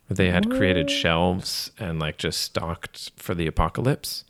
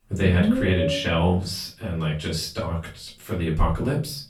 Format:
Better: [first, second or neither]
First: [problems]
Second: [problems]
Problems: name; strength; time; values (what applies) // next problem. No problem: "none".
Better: first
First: none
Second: off-mic speech; far // room echo; slight; dies away in 0.3 s